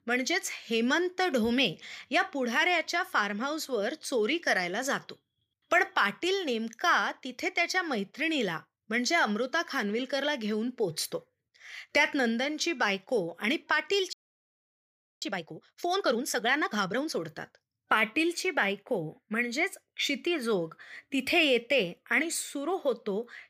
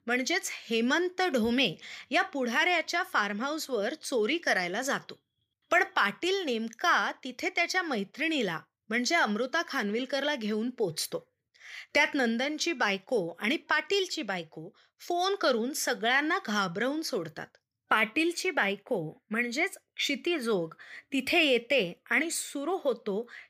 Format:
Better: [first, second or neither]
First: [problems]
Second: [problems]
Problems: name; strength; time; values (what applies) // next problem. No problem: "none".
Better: second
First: audio freezing; at 14 s for 1 s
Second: none